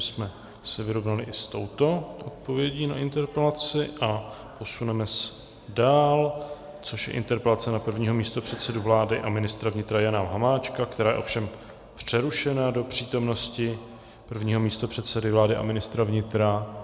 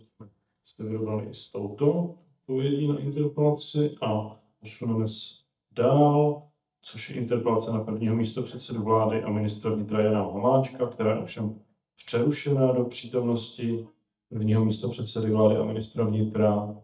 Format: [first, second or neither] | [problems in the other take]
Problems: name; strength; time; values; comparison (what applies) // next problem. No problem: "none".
first | noise reduction (neural mask model DeepFilterNet 3)